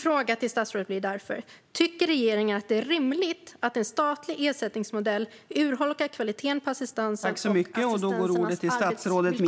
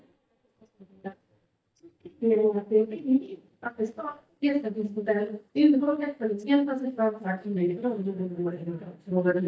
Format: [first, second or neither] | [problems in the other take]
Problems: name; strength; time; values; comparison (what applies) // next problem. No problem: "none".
first | noise reduction (neural mask model DeepFilterNet 3)